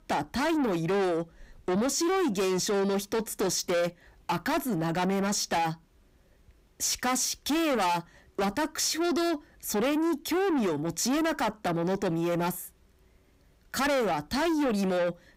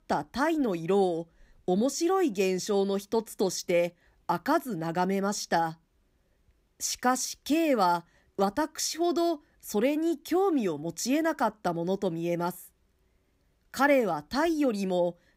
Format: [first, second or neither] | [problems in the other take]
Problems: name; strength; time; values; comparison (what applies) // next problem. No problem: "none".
second | distortion; heavy; 6 dB below the speech